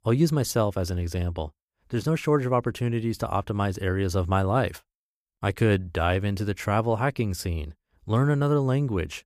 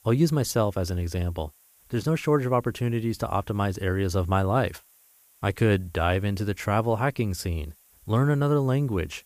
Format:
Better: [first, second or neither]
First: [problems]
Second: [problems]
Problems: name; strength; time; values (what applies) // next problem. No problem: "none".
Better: first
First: none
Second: hiss; faint; throughout; 30 dB below the speech